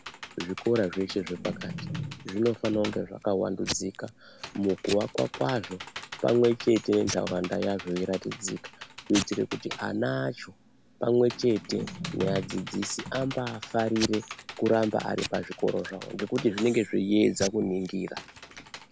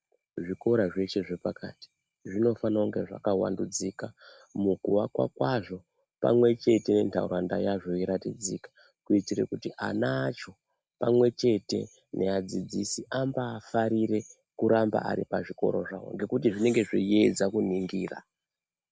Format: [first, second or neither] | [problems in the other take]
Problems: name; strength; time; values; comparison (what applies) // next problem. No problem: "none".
second | background sound (Computer keyboard + Packing tape, duct tape / Tearing); 11 dB below the speech